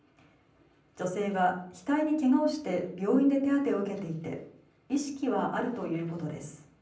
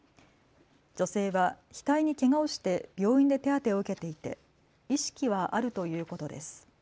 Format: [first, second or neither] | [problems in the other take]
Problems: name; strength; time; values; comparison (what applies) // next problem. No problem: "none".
second | room echo; dies away in 0.6 s